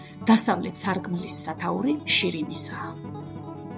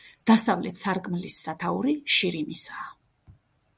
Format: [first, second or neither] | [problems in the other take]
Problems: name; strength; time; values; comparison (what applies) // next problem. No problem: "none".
second | background sound (Acoustic guitar); 11 dB below the speech